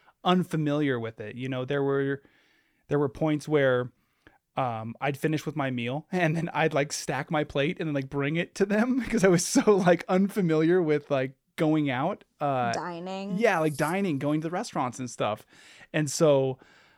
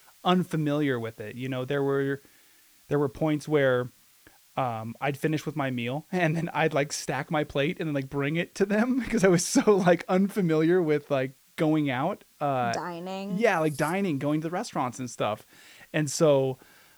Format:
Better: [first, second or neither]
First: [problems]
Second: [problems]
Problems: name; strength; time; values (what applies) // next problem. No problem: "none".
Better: first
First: none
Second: hiss; faint; throughout; 30 dB below the speech